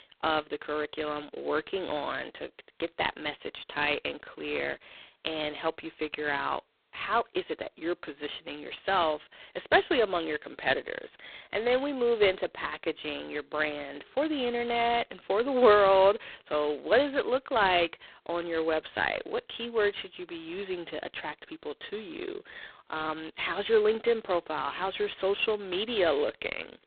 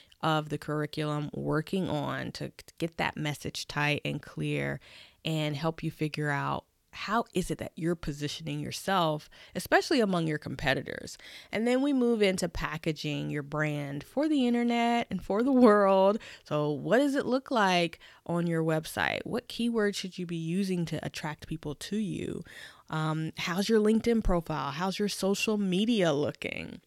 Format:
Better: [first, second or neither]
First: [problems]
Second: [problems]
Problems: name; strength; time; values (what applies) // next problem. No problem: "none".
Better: second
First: phone-call audio; poor line; nothing above 4 kHz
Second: none